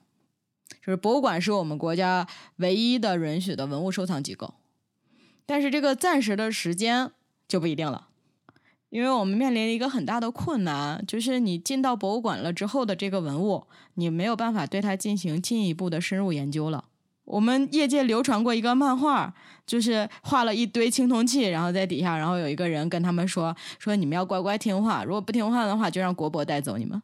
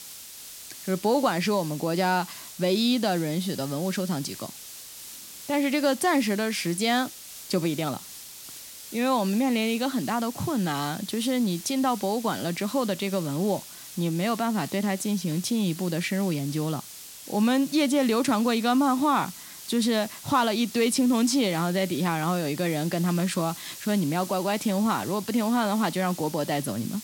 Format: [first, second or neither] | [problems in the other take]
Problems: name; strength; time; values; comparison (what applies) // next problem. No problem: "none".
first | hiss; noticeable; throughout; 15 dB below the speech